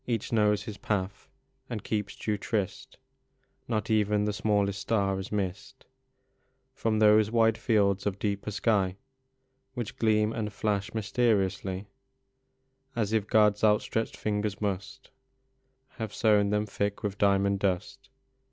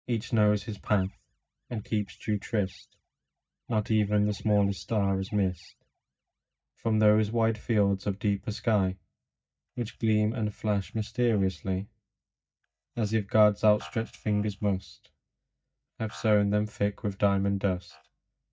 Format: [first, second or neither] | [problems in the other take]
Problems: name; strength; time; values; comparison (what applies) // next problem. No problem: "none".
first | noise reduction (neural mask model DeepFilterNet 3)